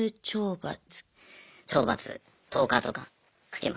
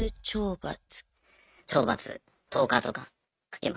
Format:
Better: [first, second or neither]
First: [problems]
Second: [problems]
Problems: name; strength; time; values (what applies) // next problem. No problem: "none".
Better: first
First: none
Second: noise reduction (neural mask model RNNoise)